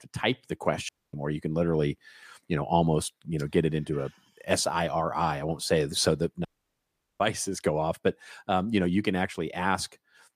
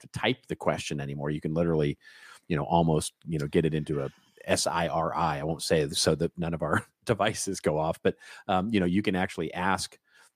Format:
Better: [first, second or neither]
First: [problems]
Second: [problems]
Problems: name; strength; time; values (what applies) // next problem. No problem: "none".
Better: second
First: audio cutting out; at 1 s and at 6.5 s for 1 s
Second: none